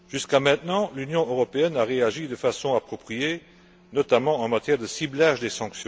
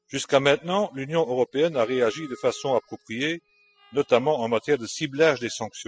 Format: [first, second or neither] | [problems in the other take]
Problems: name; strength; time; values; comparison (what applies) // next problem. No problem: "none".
first | noise reduction (classical method spectral subtraction)